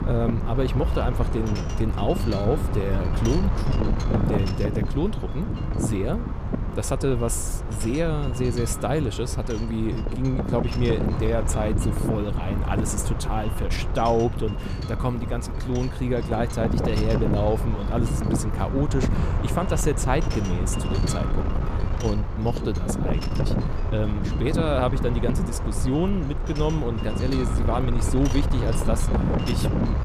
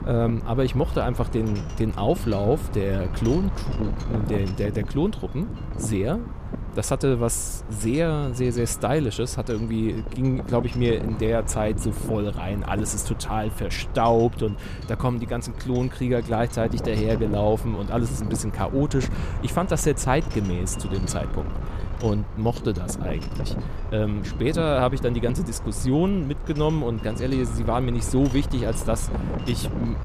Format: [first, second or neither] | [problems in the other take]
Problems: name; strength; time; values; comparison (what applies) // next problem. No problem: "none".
second | wind noise on the microphone; heavy; 4 dB below the speech; occasional gusts in the second